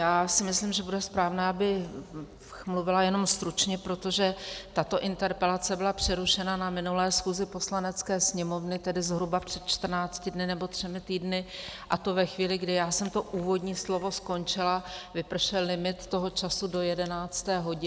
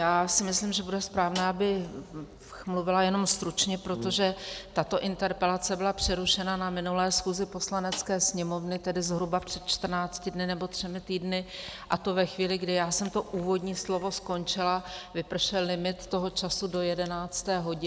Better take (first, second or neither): first